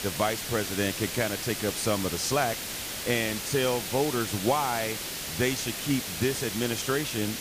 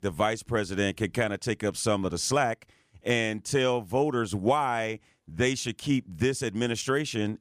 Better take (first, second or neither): second